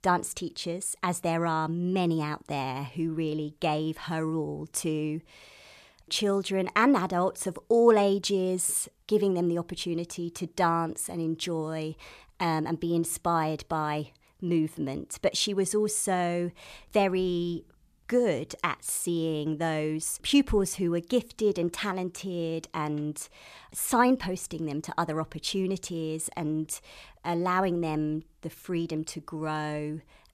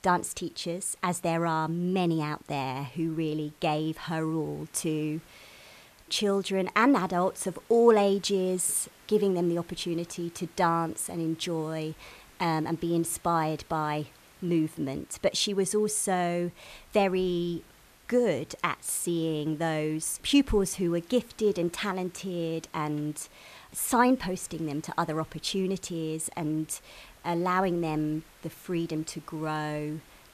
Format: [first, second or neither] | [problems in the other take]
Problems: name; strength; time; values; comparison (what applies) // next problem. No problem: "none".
first | hiss; faint; throughout; 25 dB below the speech